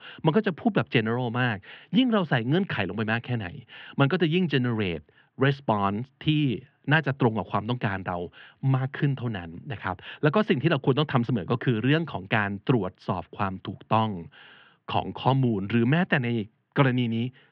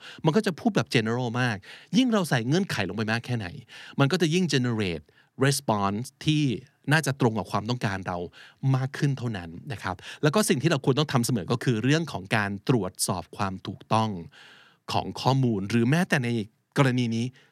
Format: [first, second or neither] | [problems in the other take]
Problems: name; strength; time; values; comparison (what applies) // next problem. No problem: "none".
second | muffled; very; fading above 3 kHz